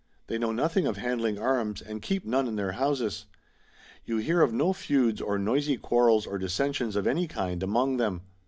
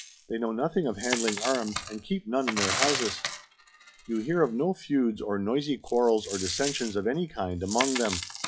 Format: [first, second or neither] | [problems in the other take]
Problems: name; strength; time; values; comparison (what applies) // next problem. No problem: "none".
first | noise reduction (classical method log-MMSE)